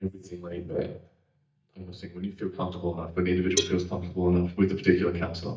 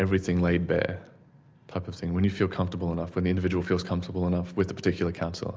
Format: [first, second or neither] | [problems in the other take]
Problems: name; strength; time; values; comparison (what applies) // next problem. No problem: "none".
second | noise reduction (neural mask model DeepFilterNet 3)